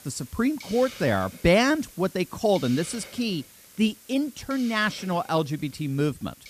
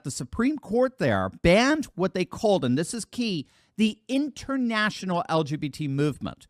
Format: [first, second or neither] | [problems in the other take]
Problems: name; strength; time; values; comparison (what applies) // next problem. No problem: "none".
second | hiss; noticeable; throughout; 20 dB below the speech